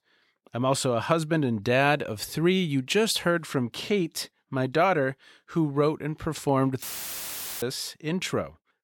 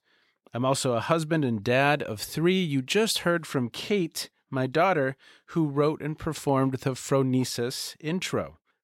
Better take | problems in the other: second | audio cutting out; filled with static; at 7 s for 1 s

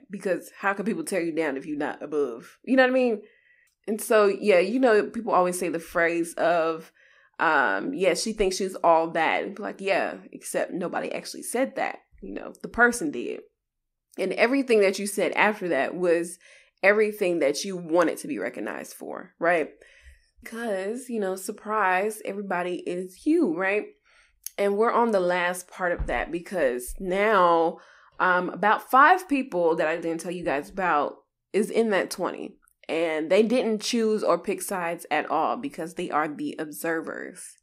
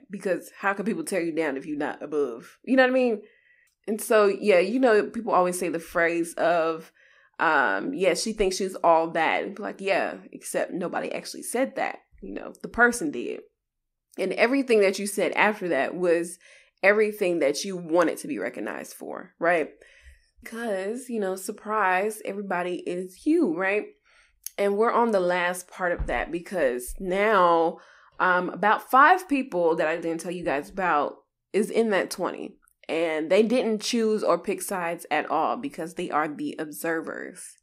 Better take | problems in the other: neither | none

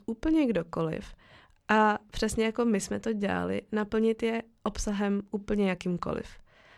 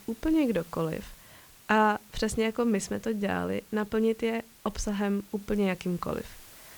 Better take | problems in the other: first | hiss; faint; throughout; 20 dB below the speech

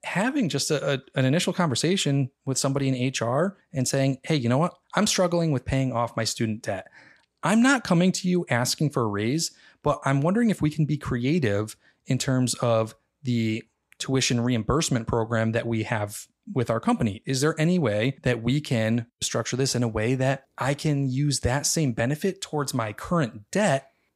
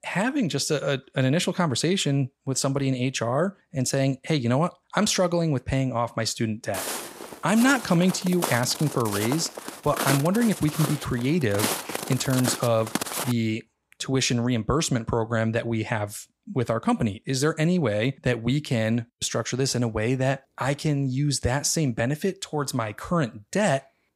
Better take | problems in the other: first | footsteps; noticeable; from 6.5 to 13 s; peak 1 dB below the speech

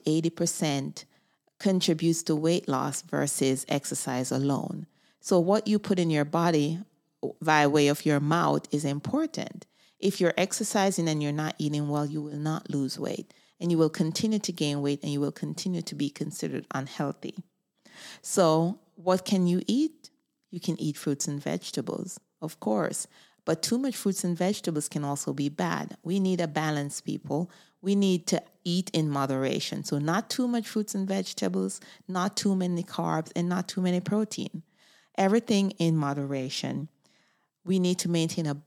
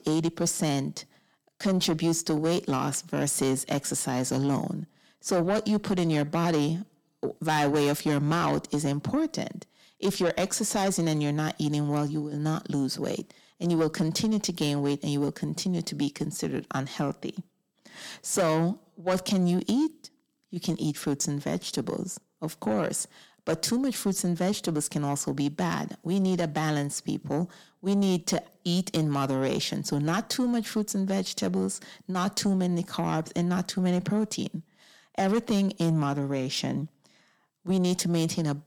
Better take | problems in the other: first | distortion; slight; 10 dB below the speech

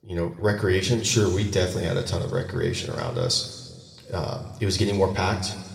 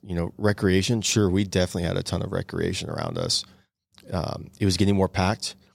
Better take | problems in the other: second | room echo; slight; dies away in 1.9 s

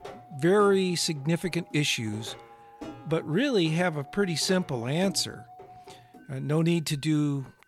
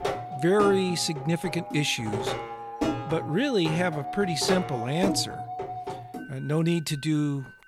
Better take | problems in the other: first | background music; loud; throughout; 7 dB below the speech; faint in the first

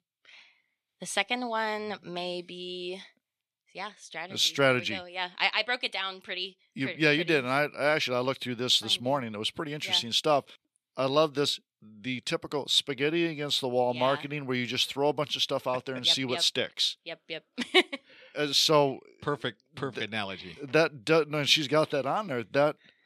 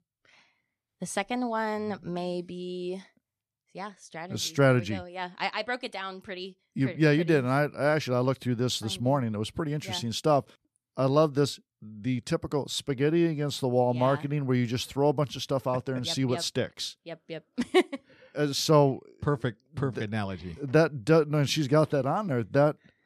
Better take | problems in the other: second | thin; very slightly; fading below 450 Hz

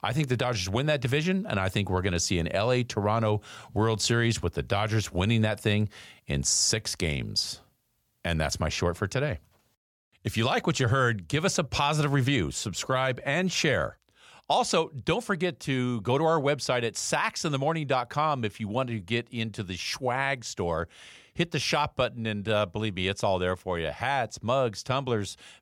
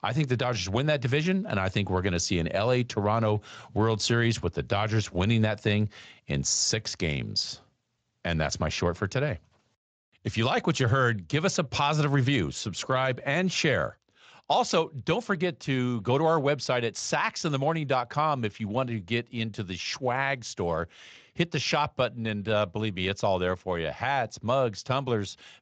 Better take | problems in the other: first | garbled, watery; slightly; nothing above 7.5 kHz

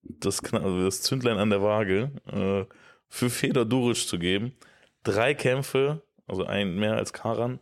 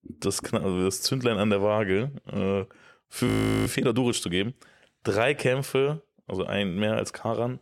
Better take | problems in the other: first | audio freezing; at 3.5 s

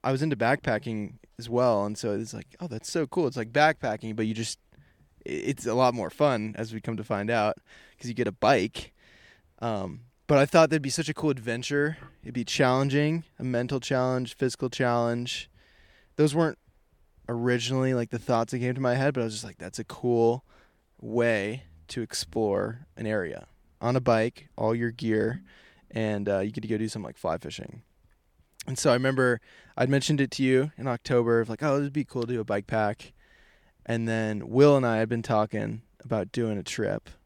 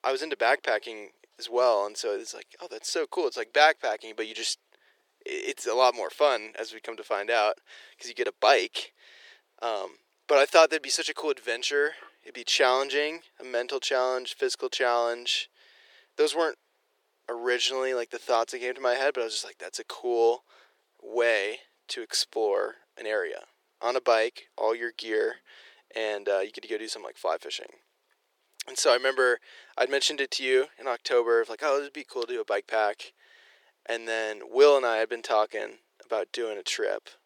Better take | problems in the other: first | thin; very; fading below 400 Hz

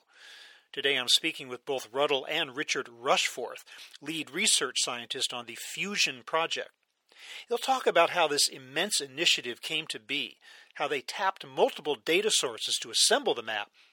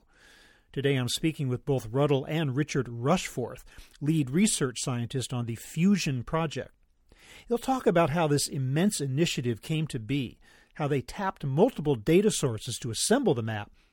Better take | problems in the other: second | thin; very; fading below 600 Hz

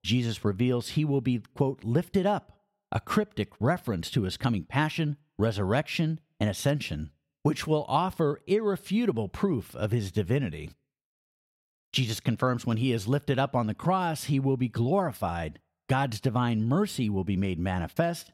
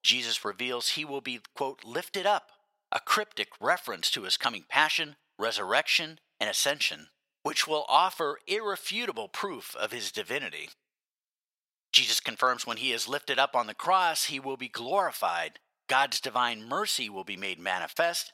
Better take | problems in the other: first | thin; very; fading below 850 Hz

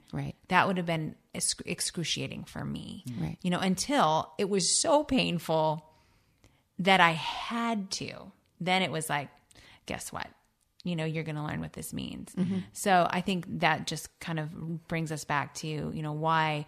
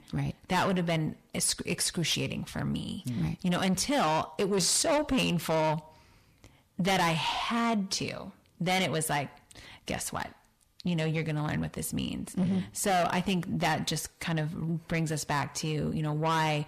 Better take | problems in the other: first | distortion; heavy; 6 dB below the speech

